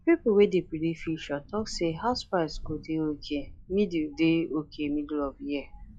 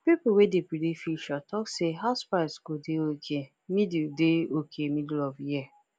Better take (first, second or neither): second